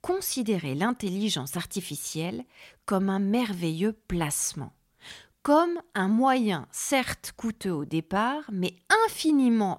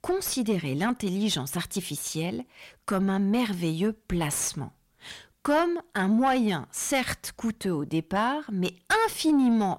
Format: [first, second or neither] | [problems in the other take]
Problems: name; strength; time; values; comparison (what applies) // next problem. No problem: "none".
first | distortion; slight; 10 dB below the speech